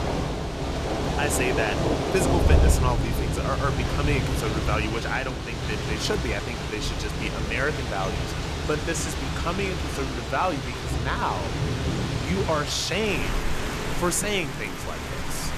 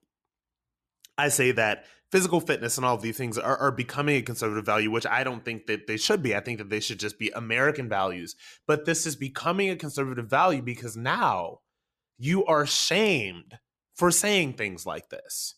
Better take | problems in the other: second | rain or running water; very loud; throughout; 1 dB above the speech

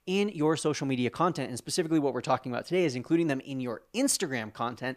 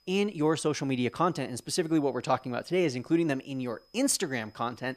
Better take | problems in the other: first | high-pitched whine; faint; throughout; 5 kHz, 35 dB below the speech

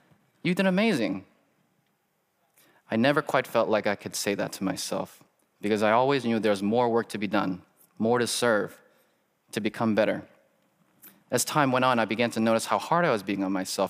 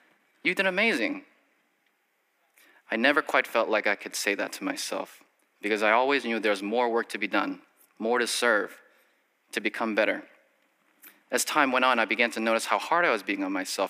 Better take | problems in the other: first | thin; very slightly; fading below 250 Hz

